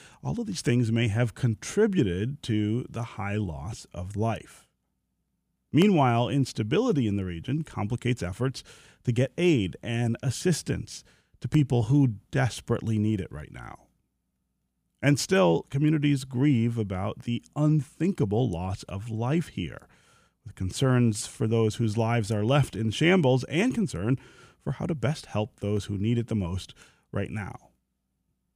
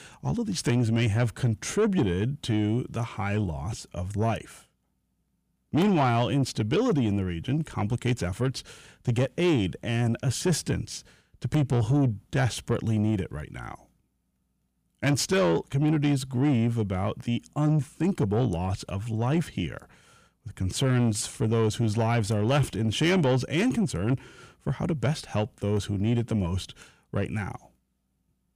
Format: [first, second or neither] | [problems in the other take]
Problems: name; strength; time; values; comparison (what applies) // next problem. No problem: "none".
first | distortion; slight; 10 dB below the speech